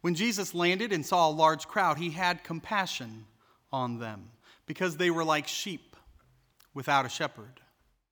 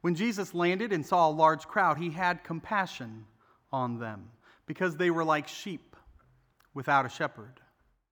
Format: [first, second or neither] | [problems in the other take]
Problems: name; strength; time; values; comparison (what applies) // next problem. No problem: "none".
first | muffled; slightly; fading above 2 kHz